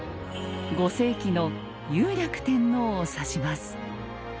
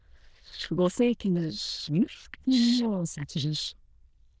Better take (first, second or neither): first